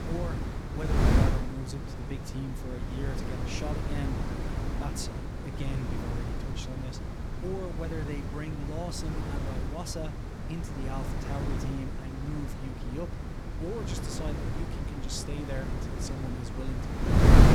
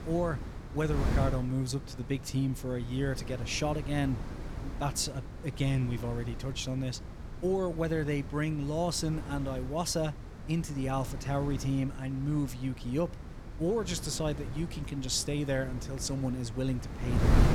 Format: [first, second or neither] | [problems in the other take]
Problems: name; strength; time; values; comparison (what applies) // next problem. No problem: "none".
second | wind noise on the microphone; heavy; 3 dB above the speech; occasional gusts in the second